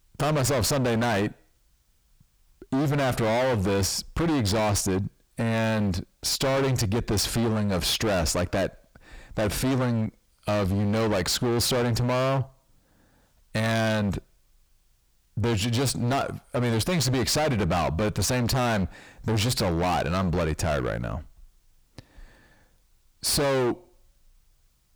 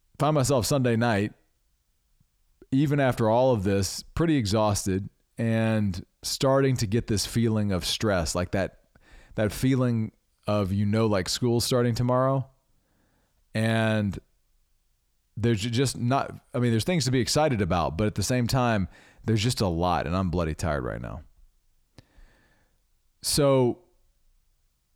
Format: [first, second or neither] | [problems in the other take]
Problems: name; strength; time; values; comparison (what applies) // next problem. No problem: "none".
second | distortion; heavy; 26% of the sound clipped